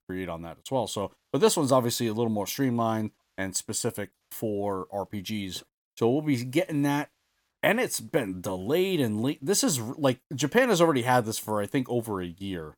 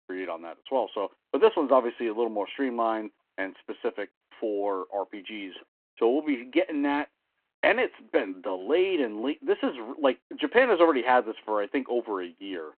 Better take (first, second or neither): first